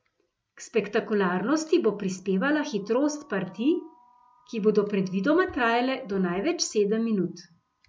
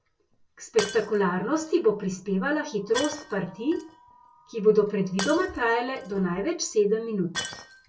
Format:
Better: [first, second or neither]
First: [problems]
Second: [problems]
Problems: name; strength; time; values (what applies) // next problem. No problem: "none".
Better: first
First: none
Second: background sound (Shatter); 14 dB below the speech // room echo; dies away in 0.1 s